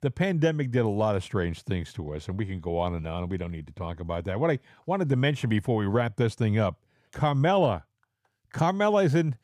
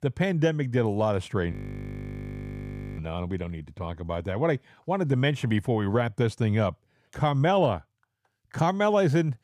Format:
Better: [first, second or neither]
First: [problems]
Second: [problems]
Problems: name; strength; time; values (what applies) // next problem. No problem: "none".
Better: first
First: none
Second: audio freezing; at 1.5 s for 1.5 s